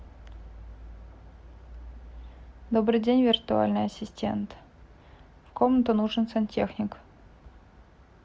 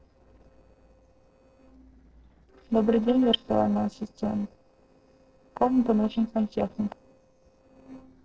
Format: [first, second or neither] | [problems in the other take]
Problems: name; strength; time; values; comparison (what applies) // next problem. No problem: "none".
first | noise reduction (neural separator model SepFormer DNS4)